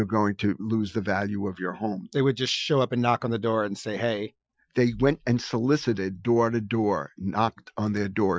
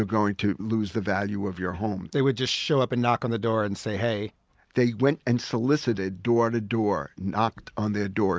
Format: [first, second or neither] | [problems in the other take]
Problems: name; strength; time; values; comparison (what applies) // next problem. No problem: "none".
second | noise reduction (classical method Wiener filter)